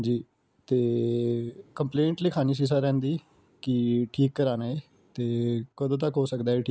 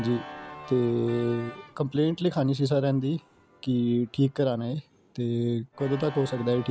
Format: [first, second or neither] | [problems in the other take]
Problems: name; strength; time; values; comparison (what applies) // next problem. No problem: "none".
first | background sound (Organ); 18 dB below the speech